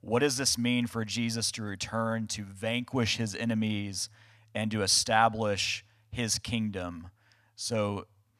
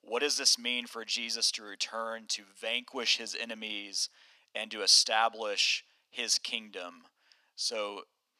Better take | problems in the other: first | thin; somewhat; fading below 300 Hz

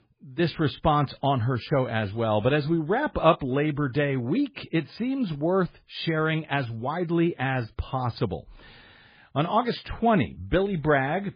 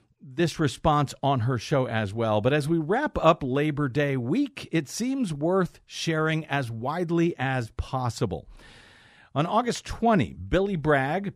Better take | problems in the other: second | garbled, watery; badly; nothing above 4.5 kHz

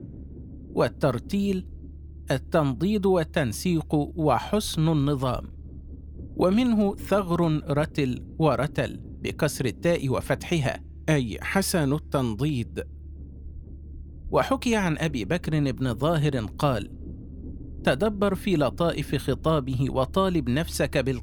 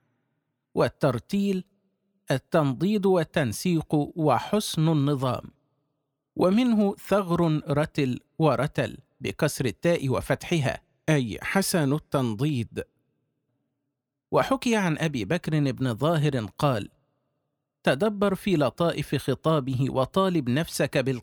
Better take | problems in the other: second | low rumble; faint; throughout; 25 dB below the speech

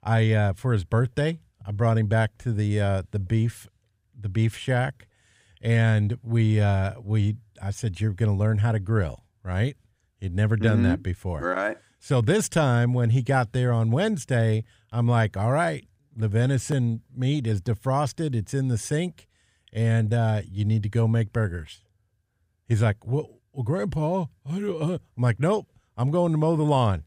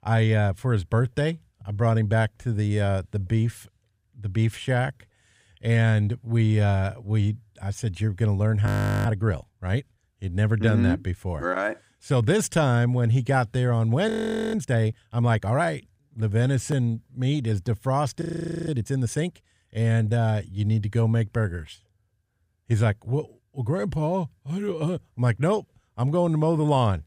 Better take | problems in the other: first | audio freezing; at 8.5 s, at 14 s and at 18 s

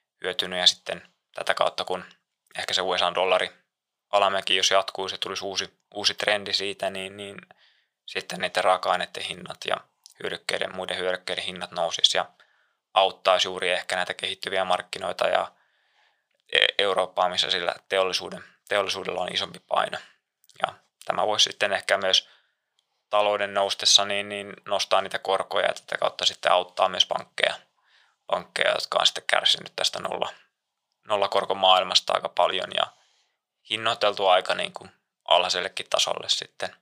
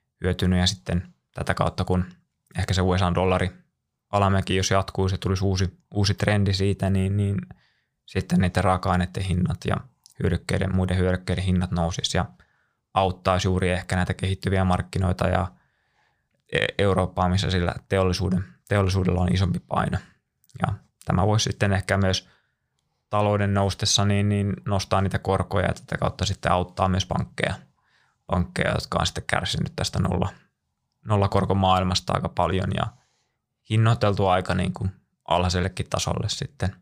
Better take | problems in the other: second | thin; very; fading below 550 Hz

